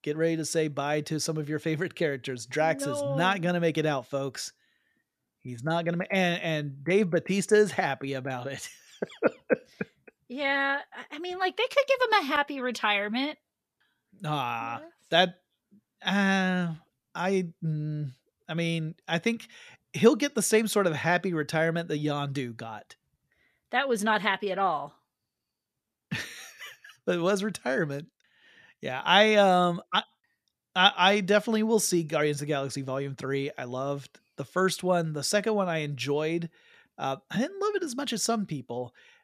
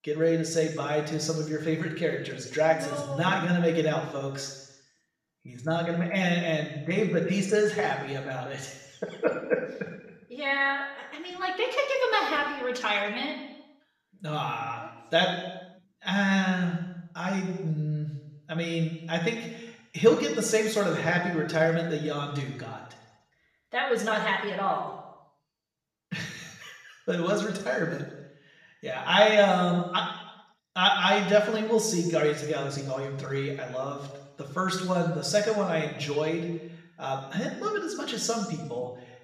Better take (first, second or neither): first